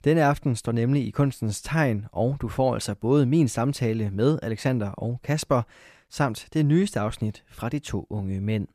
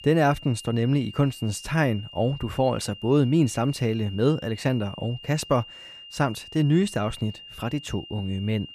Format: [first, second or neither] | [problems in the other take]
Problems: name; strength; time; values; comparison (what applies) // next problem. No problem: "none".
first | high-pitched whine; noticeable; throughout; 3 kHz, 15 dB below the speech